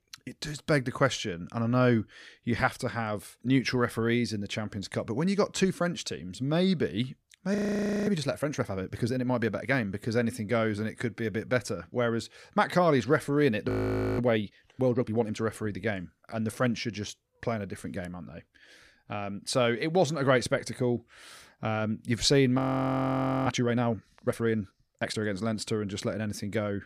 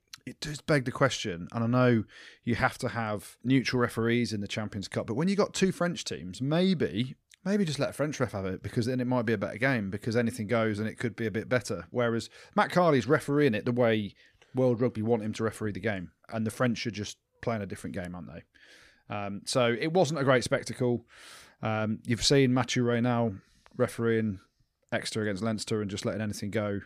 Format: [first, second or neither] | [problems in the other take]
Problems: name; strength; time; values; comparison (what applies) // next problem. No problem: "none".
second | audio freezing; at 7.5 s for 0.5 s, at 14 s and at 23 s for 1 s